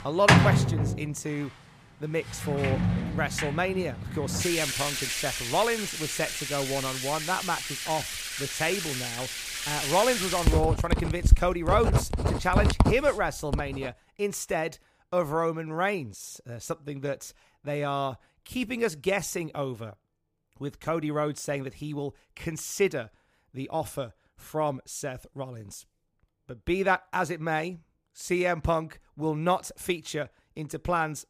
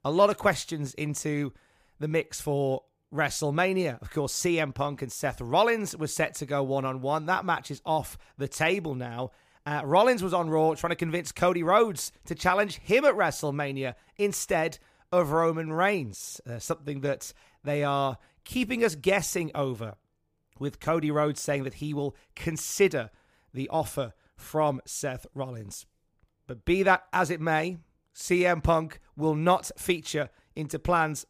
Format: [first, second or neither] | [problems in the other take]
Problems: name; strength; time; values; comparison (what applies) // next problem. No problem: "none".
second | household noises; very loud; until 14 s; 2 dB above the speech